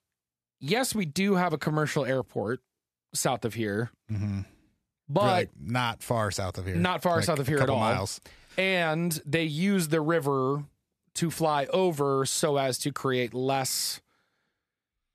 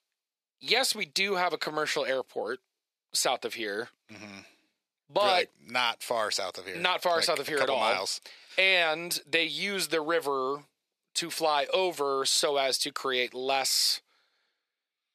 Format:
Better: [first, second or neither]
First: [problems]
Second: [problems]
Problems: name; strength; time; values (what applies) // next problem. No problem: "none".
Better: first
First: none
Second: thin; very; fading below 500 Hz